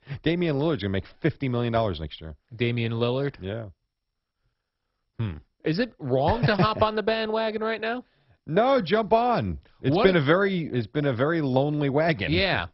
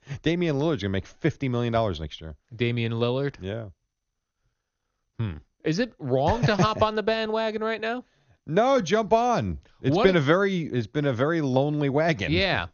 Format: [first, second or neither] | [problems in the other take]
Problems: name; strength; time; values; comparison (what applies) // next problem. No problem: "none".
second | garbled, watery; badly; nothing above 5.5 kHz; slightly in the second